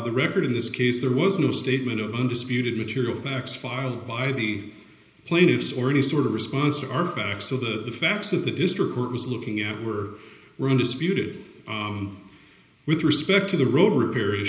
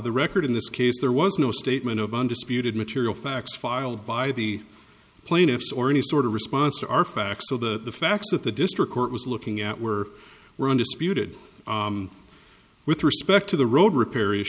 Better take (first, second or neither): second